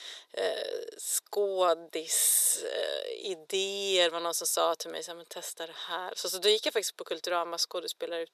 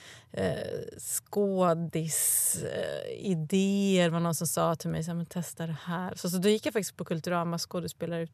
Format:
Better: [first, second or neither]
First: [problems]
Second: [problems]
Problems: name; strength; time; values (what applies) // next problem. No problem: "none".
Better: second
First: thin; very; fading below 350 Hz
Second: none